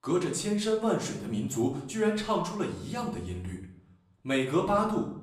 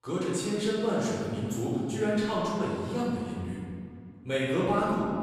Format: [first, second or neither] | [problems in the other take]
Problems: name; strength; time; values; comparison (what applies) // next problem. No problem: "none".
first | room echo; strong; dies away in 2 s; slight in the first // off-mic speech; far; far in the first